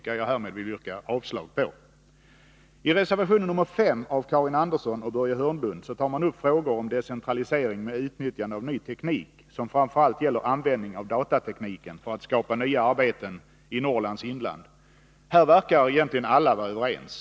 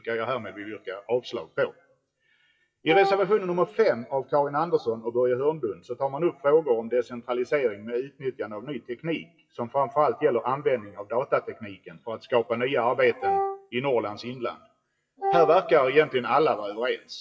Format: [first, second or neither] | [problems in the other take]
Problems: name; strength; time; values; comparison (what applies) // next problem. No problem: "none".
first | noise reduction (classical method WPE with log-MMSE)